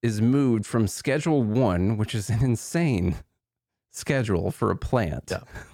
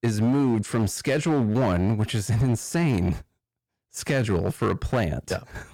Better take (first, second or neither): first